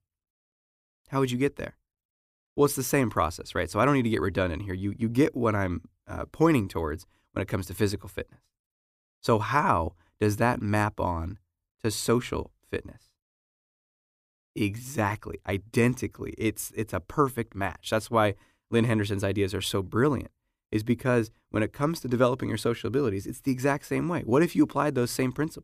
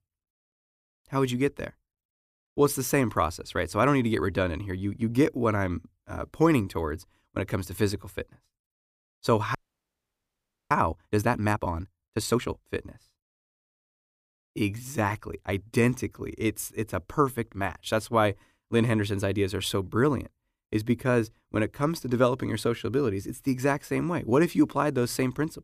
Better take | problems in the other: first | audio freezing; at 9.5 s for 1 s

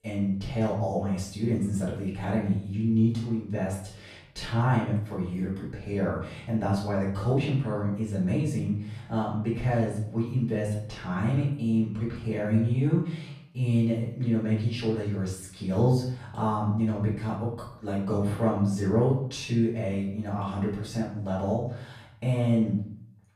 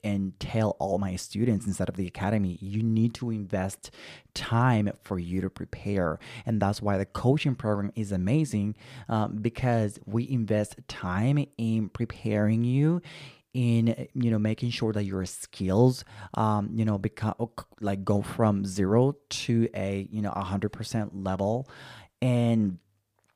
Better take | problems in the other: second | room echo; noticeable; dies away in 0.6 s // off-mic speech; far

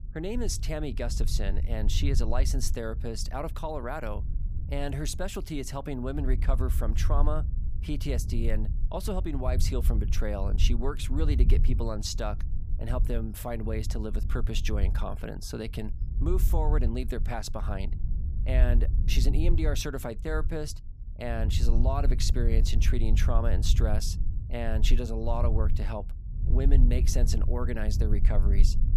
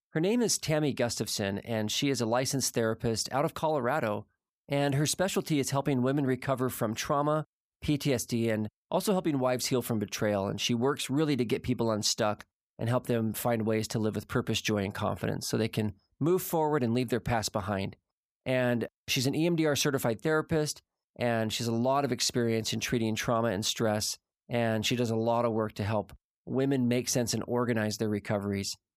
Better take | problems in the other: second | low rumble; noticeable; throughout; 10 dB below the speech

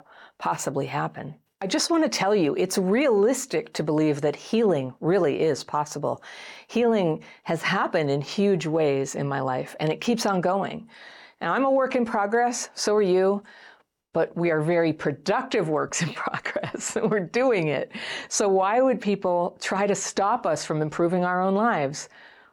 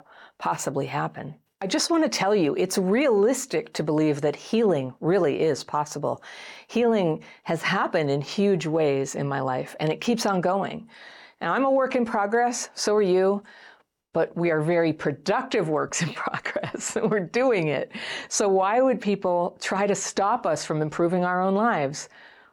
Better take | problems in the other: neither | none

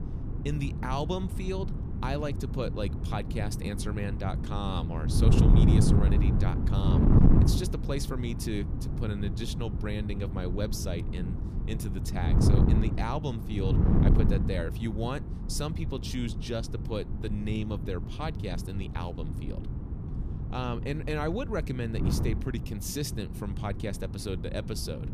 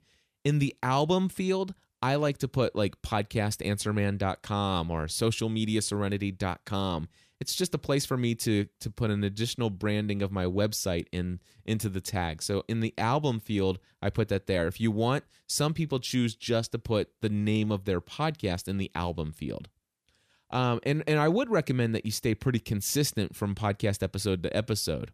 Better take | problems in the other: second | wind noise on the microphone; heavy; 3 dB below the speech

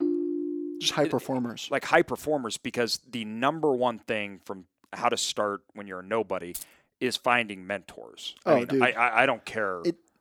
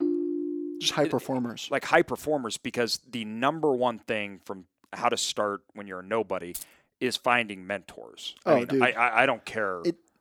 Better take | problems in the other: neither | phone ringing; noticeable; at the start; peak 1 dB below the speech; the same in both // jangling keys; faint; at 6.5 s; peak 10 dB below the speech; the same in both

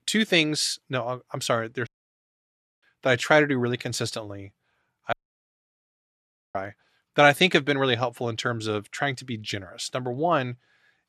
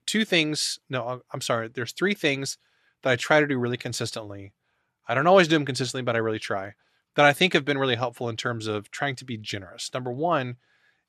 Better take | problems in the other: second | audio cutting out; at 2 s for 1 s and at 5 s for 1.5 s

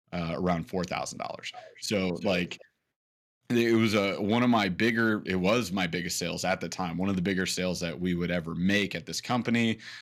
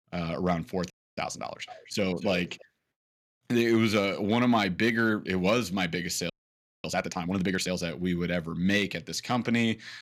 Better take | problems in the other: first | audio freezing; at 1 s and at 6.5 s for 0.5 s

